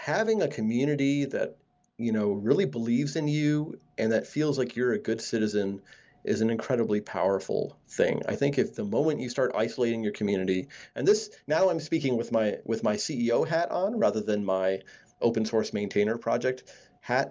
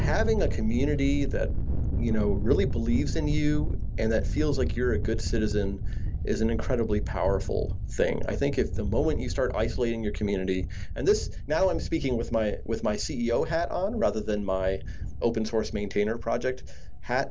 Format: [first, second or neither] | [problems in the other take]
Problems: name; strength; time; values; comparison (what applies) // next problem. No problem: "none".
first | background sound (Thunder); as loud as the speech